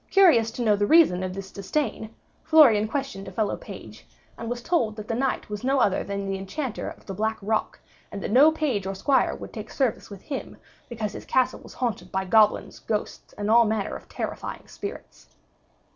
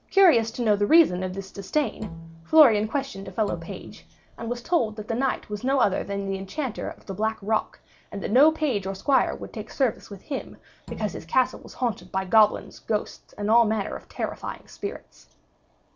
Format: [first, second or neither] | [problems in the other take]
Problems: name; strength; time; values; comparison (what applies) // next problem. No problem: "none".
first | background sound (Bowed string instrument); 17 dB below the speech